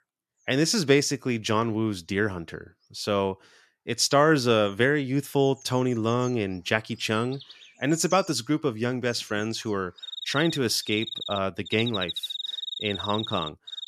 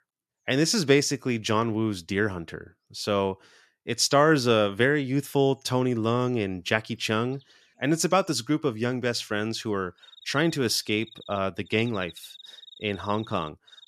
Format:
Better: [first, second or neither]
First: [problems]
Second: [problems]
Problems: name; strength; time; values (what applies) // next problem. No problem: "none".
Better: second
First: animal sounds; loud; throughout; 9 dB below the speech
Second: animal sounds; faint; throughout; 25 dB below the speech